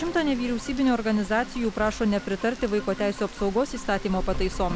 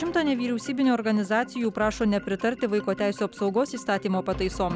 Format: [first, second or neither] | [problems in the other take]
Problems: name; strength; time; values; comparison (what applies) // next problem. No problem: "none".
second | background sound (Rain); 10 dB below the speech